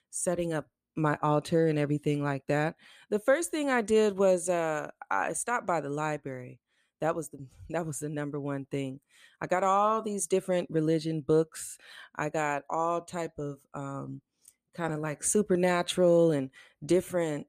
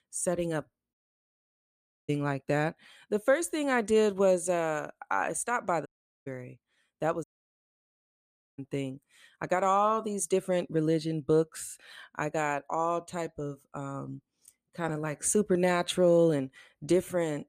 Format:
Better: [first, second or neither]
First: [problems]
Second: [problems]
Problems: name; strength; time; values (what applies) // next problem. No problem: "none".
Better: first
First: none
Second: audio cutting out; at 1 s for 1 s, at 6 s and at 7 s for 1.5 s